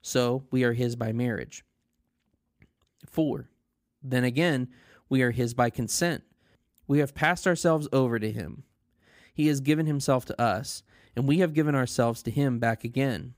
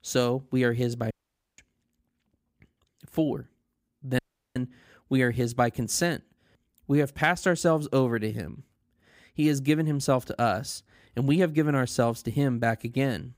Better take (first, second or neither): first